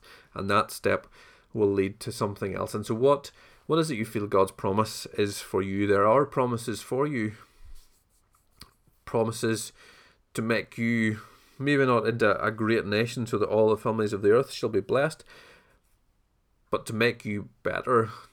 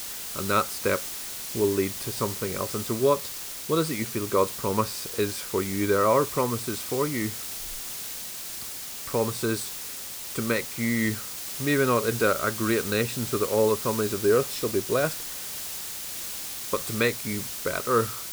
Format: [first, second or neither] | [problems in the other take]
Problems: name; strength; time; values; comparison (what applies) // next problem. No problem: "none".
first | hiss; loud; throughout; 6 dB below the speech